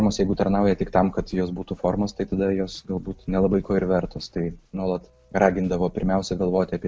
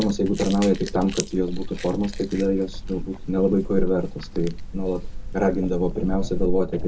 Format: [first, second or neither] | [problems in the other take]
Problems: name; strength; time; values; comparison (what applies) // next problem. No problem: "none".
first | background sound (Chewing, mastication); 4 dB below the speech // room echo; dies away in 0.2 s